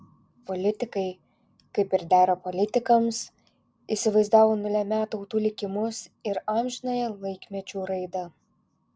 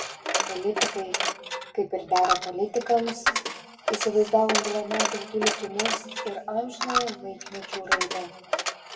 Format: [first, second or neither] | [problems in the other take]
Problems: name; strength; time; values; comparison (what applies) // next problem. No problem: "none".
first | background sound (Coin (dropping)); 1 dB below the speech // room echo; dies away in 1.3 s